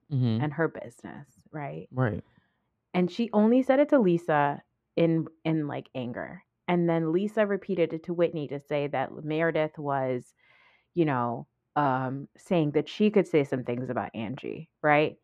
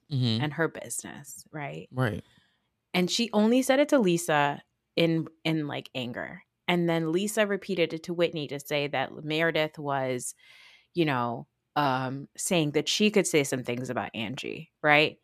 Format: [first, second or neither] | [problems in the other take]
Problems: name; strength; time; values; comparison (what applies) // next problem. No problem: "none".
second | muffled; very; fading above 3 kHz